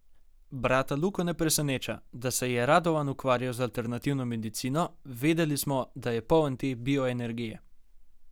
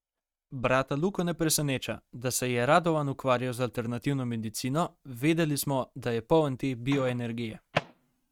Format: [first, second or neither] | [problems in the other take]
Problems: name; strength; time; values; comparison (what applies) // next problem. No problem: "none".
first | noise reduction (neural mask model RNNoise)